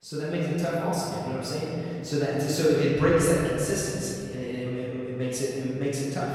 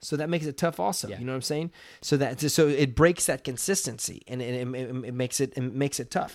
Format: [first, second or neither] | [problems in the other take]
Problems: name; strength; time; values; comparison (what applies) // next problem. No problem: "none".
second | room echo; strong; dies away in 2.7 s // off-mic speech; far